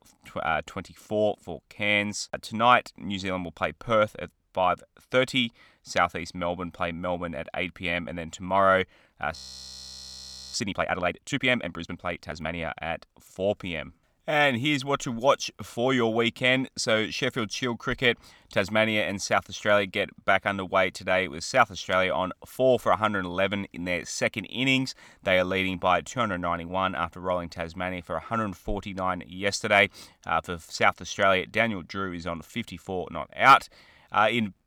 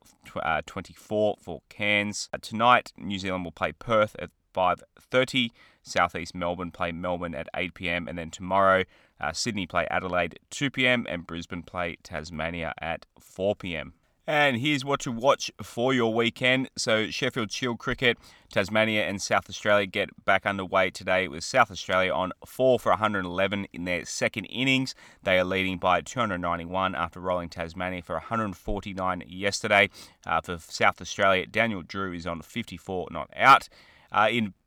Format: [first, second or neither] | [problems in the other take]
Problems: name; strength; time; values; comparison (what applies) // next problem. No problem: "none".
second | audio freezing; at 9.5 s for 1 s